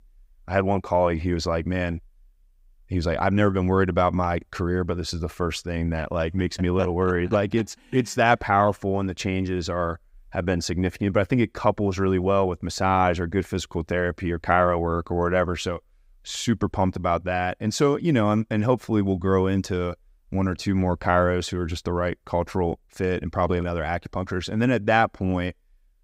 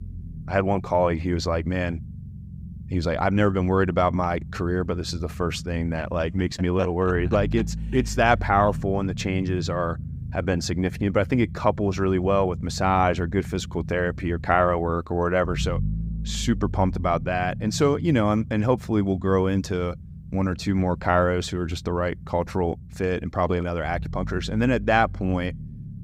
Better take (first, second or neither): first